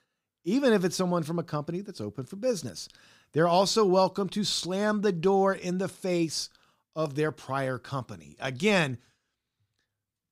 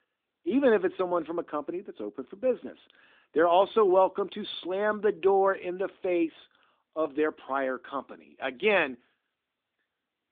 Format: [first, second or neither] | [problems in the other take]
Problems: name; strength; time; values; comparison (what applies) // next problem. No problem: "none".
first | phone-call audio; nothing above 3.5 kHz